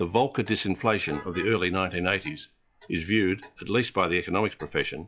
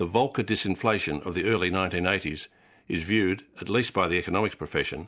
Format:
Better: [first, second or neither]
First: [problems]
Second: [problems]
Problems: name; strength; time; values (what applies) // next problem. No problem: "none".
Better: second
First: noise reduction (classical method log-MMSE)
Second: none